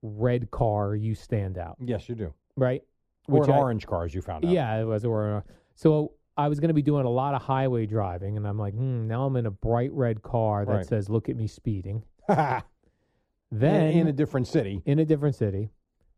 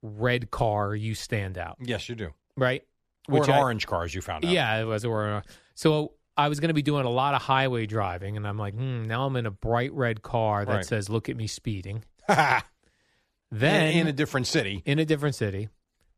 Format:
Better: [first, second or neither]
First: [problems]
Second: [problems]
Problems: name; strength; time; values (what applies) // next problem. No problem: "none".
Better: second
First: muffled; slightly; fading above 1 kHz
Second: none